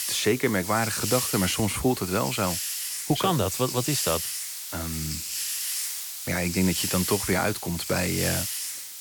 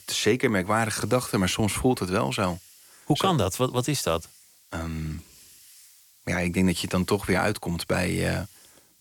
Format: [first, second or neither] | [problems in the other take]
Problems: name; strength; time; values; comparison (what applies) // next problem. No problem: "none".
second | hiss; loud; throughout; 3 dB below the speech; faint in the second